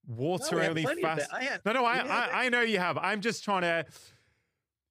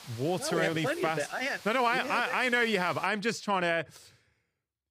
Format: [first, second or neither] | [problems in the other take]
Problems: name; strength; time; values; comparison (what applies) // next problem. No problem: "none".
first | hiss; noticeable; until 3 s; 20 dB below the speech